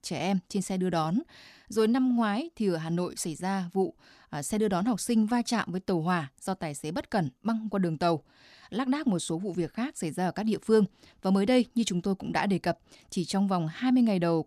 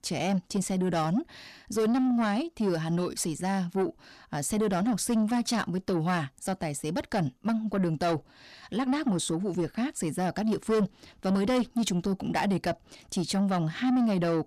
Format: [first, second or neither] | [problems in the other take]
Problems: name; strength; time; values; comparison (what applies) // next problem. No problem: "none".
first | distortion; slight; 10 dB below the speech